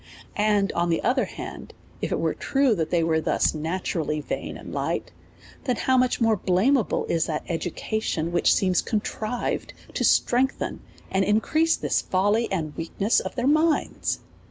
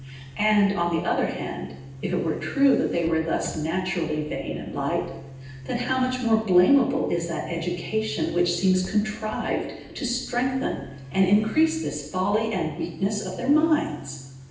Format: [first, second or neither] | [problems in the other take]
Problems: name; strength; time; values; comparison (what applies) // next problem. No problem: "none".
first | background sound (Boom); 18 dB below the speech // room echo; dies away in 0.9 s